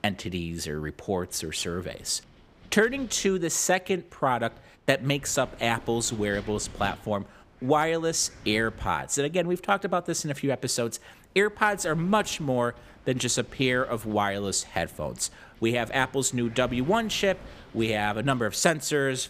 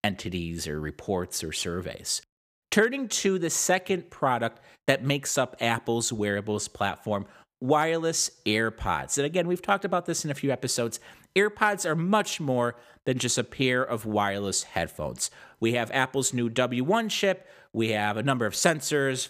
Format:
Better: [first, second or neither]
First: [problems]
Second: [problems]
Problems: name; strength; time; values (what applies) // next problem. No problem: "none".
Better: second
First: wind noise on the microphone; occasional gusts; 25 dB below the speech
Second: none